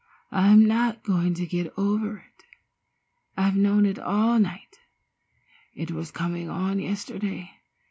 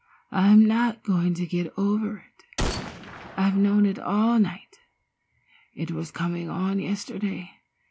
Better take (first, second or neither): first